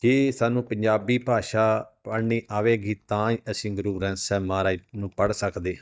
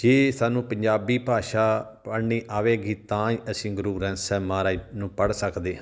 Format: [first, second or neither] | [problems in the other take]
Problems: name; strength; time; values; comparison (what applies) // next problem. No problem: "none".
second | noise reduction (neural mask model DeepFilterNet 3)